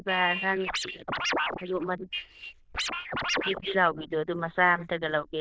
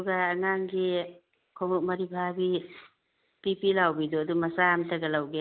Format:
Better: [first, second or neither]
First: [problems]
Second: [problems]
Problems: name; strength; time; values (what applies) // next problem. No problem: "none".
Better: second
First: noise reduction (neural diffusion model UNIVERSE++)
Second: none